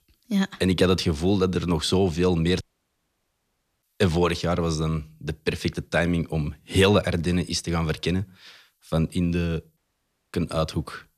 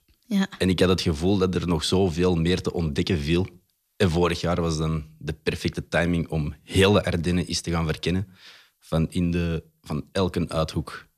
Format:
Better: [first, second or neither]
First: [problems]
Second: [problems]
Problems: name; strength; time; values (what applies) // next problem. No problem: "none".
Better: second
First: audio cutting out; at 2.5 s for 1 s and at 10 s for 0.5 s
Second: none